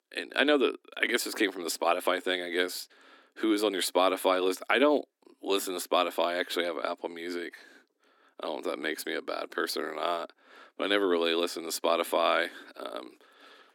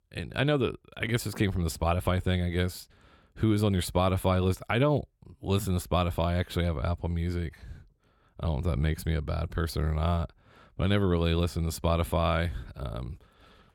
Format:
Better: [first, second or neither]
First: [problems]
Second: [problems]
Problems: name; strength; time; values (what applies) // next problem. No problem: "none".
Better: second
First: thin; somewhat; fading below 250 Hz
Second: none